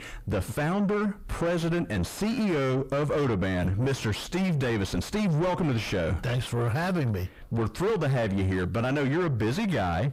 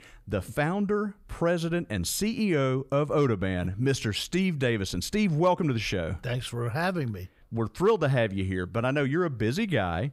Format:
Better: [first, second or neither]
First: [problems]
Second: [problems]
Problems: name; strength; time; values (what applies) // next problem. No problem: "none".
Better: second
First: distortion; heavy; 5 dB below the speech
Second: none